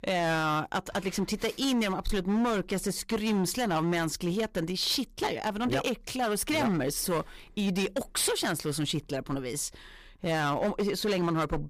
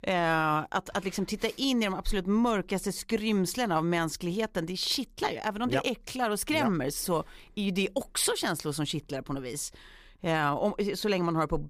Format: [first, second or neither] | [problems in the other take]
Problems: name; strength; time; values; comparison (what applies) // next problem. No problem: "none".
second | distortion; slight; 12% of the sound clipped